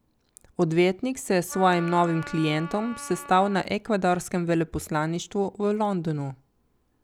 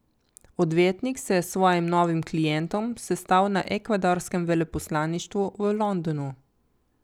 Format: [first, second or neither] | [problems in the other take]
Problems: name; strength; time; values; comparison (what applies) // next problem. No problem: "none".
second | background sound (Wind instrument, woodwind instrument); 15 dB below the speech